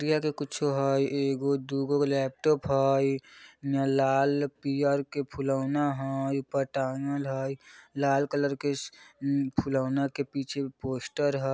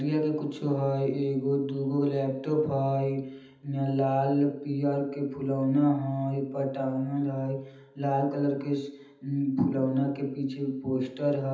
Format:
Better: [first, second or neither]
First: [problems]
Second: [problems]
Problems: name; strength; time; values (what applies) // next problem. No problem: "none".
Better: first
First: none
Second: room echo; dies away in 0.8 s